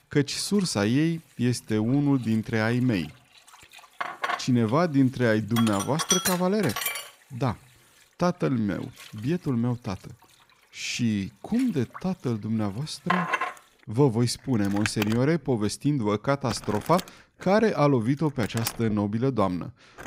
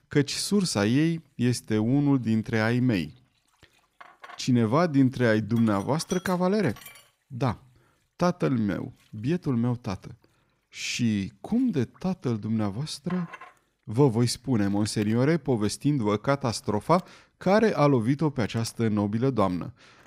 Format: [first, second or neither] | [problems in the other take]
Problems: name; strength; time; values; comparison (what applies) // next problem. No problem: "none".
second | household noises; loud; throughout; 5 dB below the speech; faint in the second